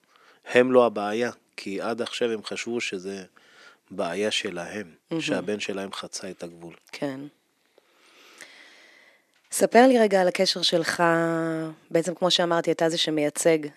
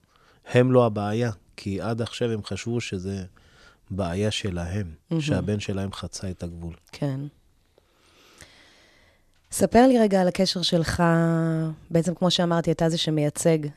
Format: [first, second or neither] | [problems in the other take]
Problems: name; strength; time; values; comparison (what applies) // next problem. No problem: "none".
second | thin; very slightly; fading below 250 Hz